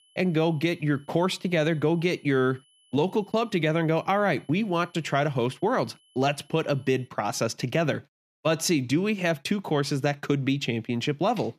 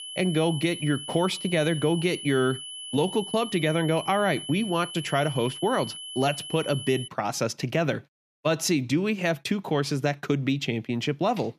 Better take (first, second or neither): first